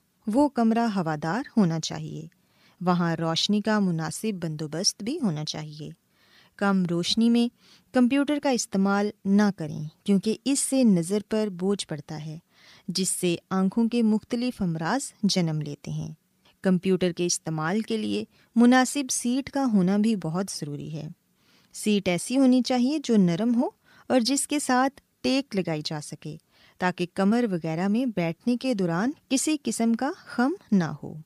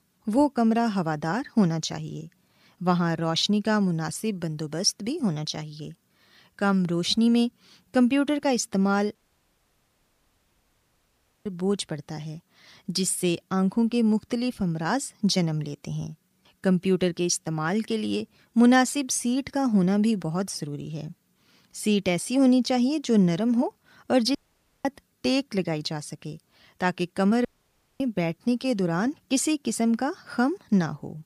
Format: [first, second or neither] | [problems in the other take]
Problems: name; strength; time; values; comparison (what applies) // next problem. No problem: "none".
first | audio cutting out; at 9 s for 2.5 s, at 24 s for 0.5 s and at 27 s for 0.5 s